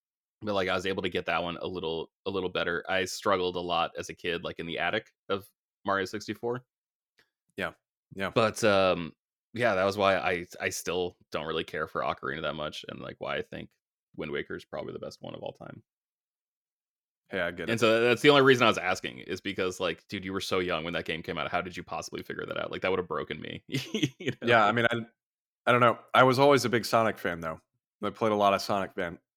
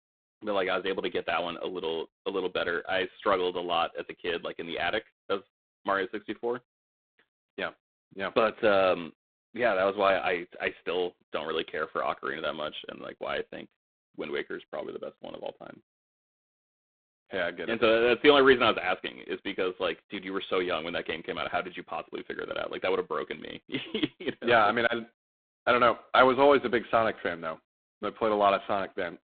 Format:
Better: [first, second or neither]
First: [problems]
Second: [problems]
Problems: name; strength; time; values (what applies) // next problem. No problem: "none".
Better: first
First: none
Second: phone-call audio; poor line; nothing above 3.5 kHz